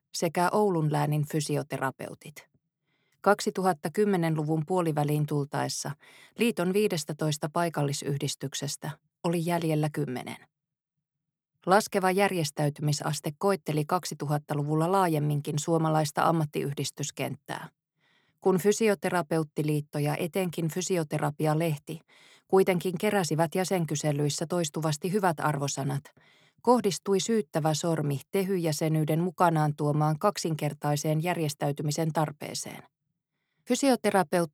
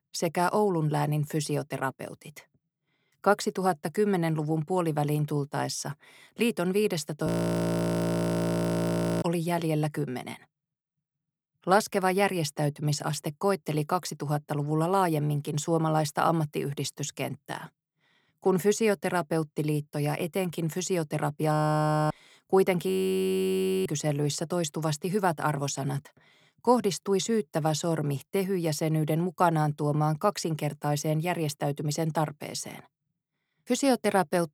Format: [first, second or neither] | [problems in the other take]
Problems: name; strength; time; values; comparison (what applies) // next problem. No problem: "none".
first | audio freezing; at 7.5 s for 2 s, at 22 s for 0.5 s and at 23 s for 1 s